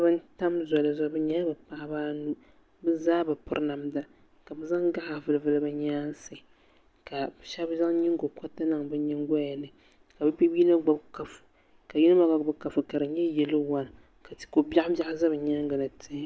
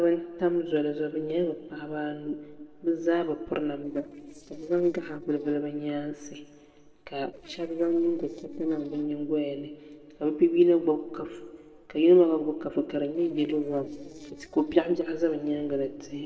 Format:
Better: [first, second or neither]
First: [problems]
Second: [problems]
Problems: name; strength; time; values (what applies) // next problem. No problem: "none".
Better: first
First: none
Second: noise reduction (neural separator model SepFormer DNS4)